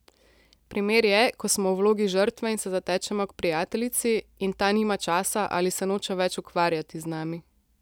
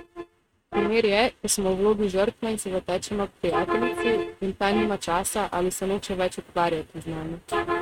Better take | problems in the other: first | noise reduction (neural mask model RNNoise)

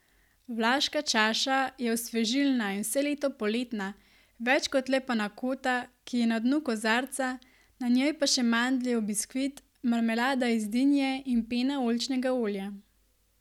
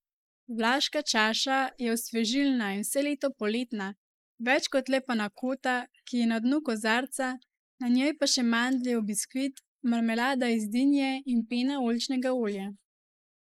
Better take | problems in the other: first | noise reduction (neural mask model Resemble Enhance denoiser)

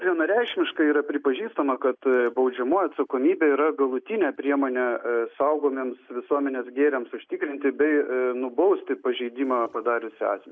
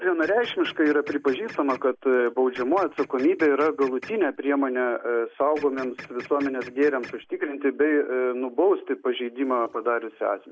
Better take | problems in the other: first | background sound (Printer); 18 dB below the speech

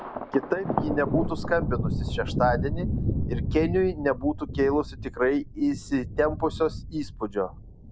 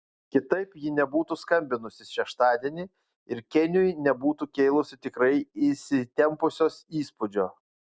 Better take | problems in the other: second | background sound (Thunder); 3 dB below the speech

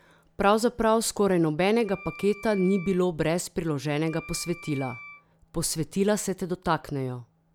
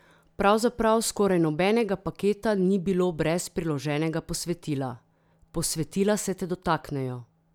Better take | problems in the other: second | background sound (Wind instrument, woodwind instrument); 18 dB below the speech

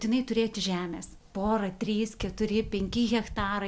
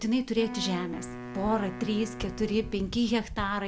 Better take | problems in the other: first | background sound (Wind instrument, woodwind instrument); 12 dB below the speech

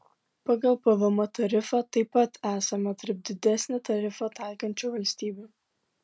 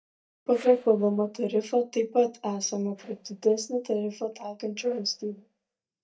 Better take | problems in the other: first | noise reduction (neural mask model DeepFilterNet 3)

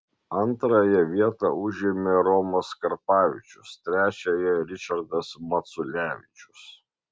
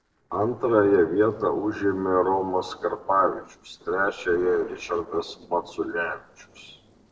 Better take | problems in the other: first | noise reduction (neural separator model SepFormer DNS4)

